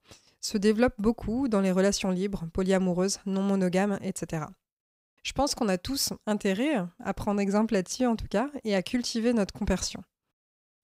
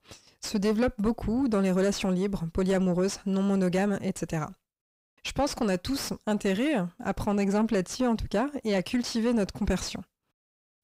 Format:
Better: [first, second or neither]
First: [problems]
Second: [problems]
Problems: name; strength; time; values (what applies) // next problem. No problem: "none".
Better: first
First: none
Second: distortion; slight; 10 dB below the speech